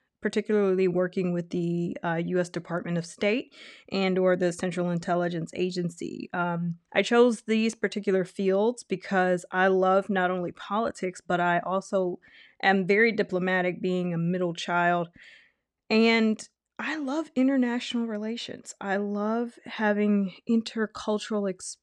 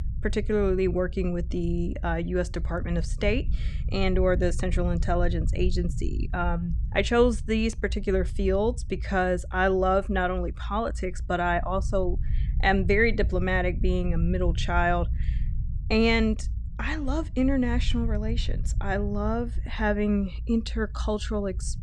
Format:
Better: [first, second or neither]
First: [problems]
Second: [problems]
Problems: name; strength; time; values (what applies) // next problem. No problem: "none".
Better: first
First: none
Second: low rumble; faint; throughout; 20 dB below the speech